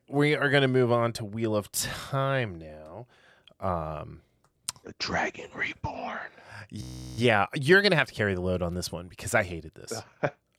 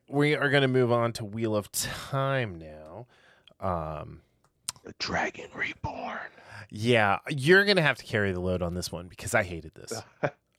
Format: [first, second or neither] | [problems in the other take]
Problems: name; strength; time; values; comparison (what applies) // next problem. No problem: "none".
second | audio freezing; at 7 s